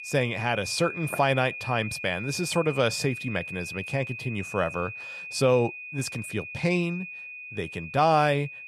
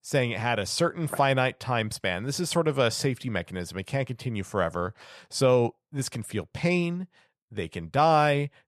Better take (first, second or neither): second